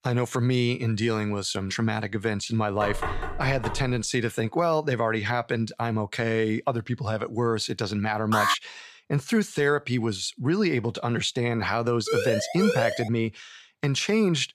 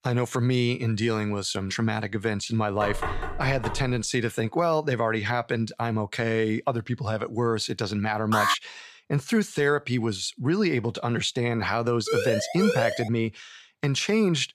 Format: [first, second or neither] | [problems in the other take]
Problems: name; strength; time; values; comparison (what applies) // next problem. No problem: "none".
neither | door banging; noticeable; from 3 to 4 s; peak 5 dB below the speech; the same in both // alarm; loud; at 8.5 s; peak 2 dB above the speech; the same in both // siren; loud; from 12 to 13 s; peak level with the speech; the same in both